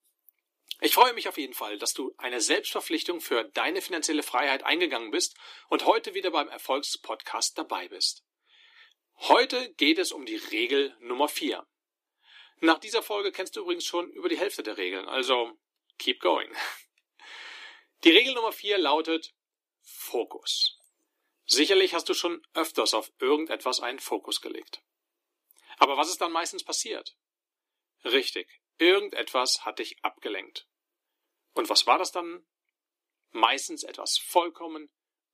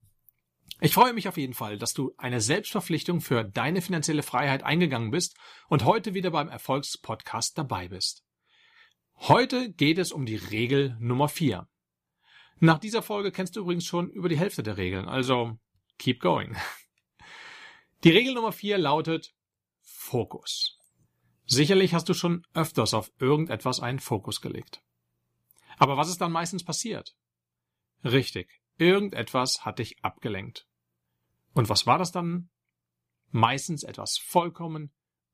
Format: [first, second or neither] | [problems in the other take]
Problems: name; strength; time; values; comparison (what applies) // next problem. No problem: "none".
second | thin; somewhat; fading below 300 Hz